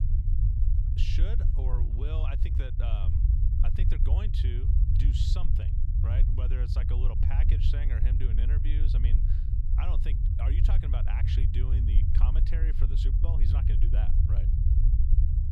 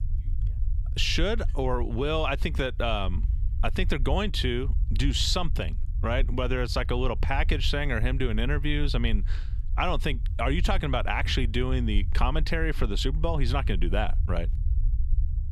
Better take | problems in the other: second | low rumble; loud; throughout; as loud as the speech; faint in the second

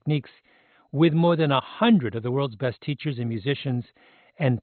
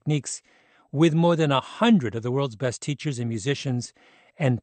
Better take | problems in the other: second | garbled, watery; badly; nothing above 4 kHz; slightly in the second

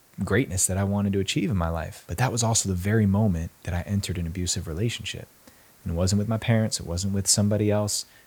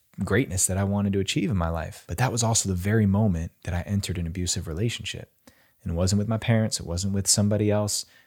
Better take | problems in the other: second | hiss; faint; throughout; 30 dB below the speech

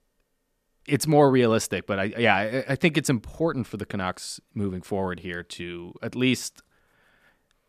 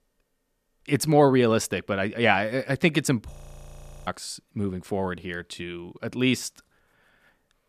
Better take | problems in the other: first | audio freezing; at 3.5 s for 0.5 s

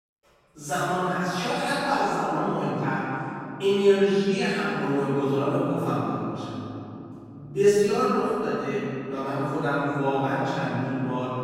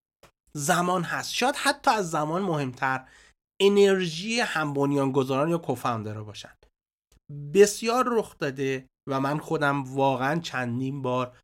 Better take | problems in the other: second | room echo; strong; dies away in 3 s // off-mic speech; far

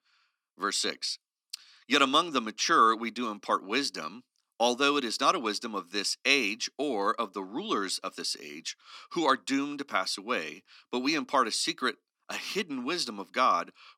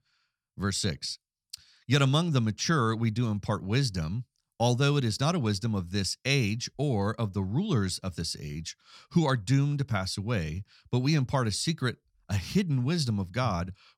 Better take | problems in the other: second | thin; very; fading below 250 Hz

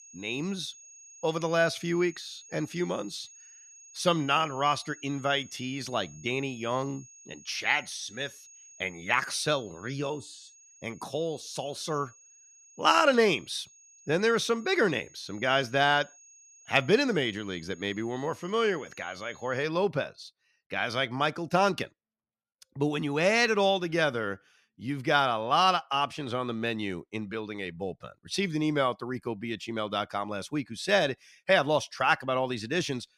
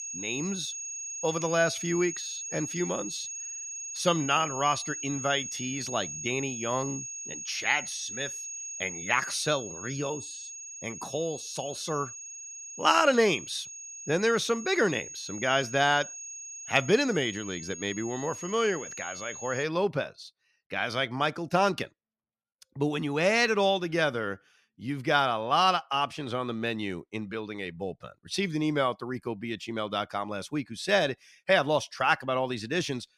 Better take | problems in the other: first | high-pitched whine; loud; until 20 s; 6.5 kHz, 8 dB below the speech; faint in the first

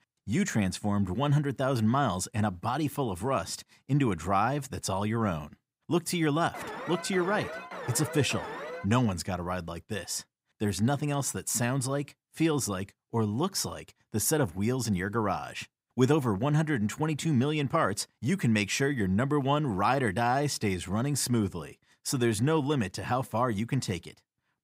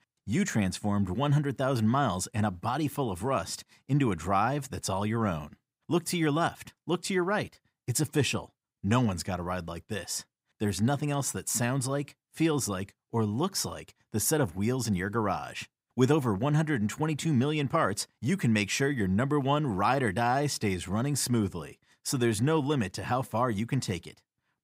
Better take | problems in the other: second | alarm; noticeable; from 6.5 to 9 s; peak 9 dB below the speech

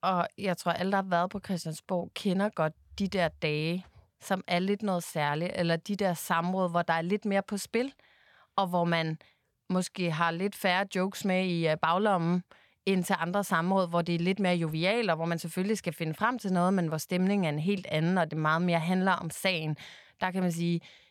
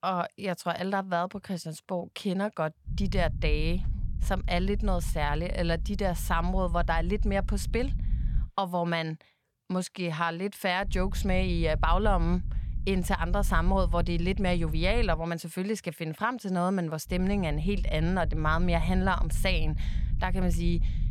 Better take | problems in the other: first | low rumble; faint; from 3 to 8.5 s, from 11 to 15 s and from 17 s on; 20 dB below the speech

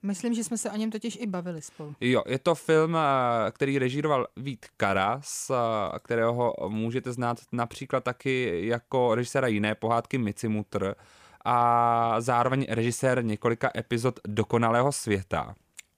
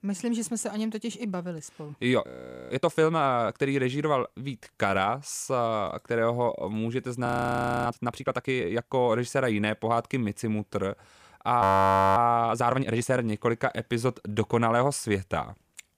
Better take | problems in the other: first | audio freezing; at 2.5 s, at 7.5 s for 0.5 s and at 12 s for 0.5 s

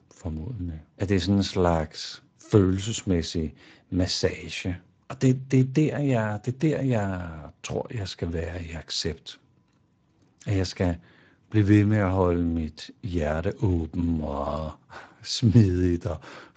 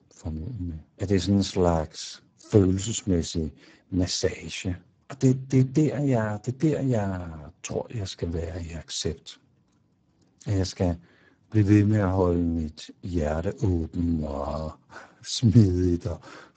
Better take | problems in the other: first | garbled, watery; badly; nothing above 7.5 kHz; slightly in the first

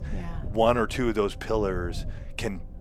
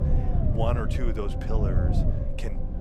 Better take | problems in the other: first | low rumble; loud; throughout; 3 dB below the speech; faint in the first

